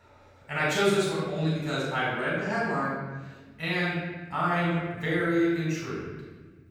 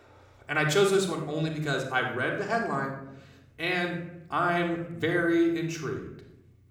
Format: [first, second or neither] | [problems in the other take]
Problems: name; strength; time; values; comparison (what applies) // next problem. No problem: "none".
second | room echo; strong; dies away in 1.3 s; slight in the second // off-mic speech; far; somewhat distant in the second